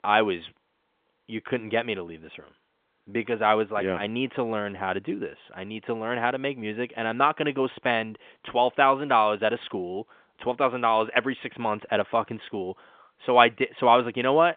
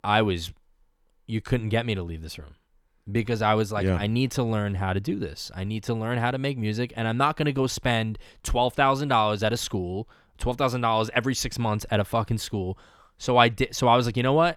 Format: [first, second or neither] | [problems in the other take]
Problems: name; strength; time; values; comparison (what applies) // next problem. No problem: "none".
second | phone-call audio; nothing above 3.5 kHz